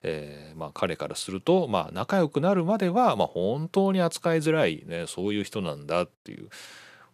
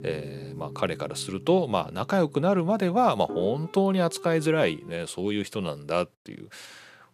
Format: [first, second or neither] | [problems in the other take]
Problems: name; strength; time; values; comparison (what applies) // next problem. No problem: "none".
first | background music; noticeable; until 4.5 s; 15 dB below the speech